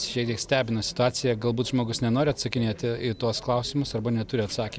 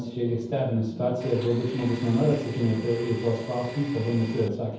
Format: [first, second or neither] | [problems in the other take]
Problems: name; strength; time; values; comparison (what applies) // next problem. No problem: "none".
first | background sound (Domestic sounds, home sounds); 18 dB below the speech // room echo; dies away in 0.9 s